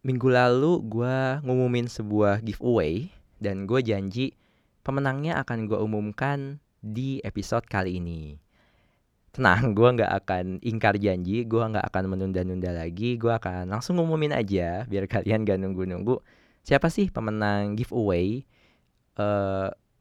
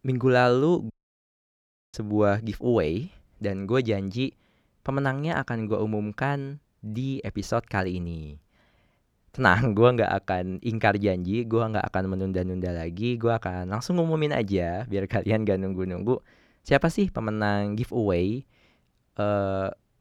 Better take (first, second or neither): first